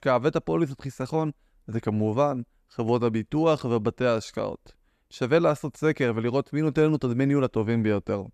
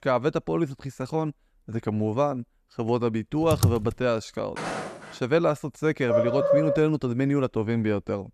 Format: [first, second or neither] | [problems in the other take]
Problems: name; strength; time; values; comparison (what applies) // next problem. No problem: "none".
first | keyboard typing; loud; at 3.5 s; peak 1 dB above the speech // footsteps; noticeable; at 4.5 s; peak 6 dB below the speech // dog barking; loud; at 6 s; peak 4 dB above the speech